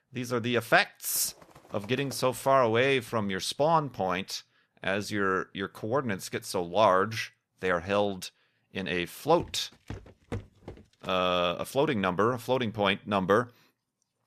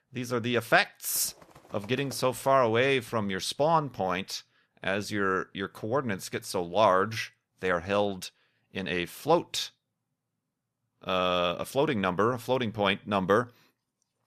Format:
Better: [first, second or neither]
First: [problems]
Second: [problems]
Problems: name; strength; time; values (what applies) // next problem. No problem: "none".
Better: second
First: footsteps; faint; from 9.5 to 11 s; peak 15 dB below the speech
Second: none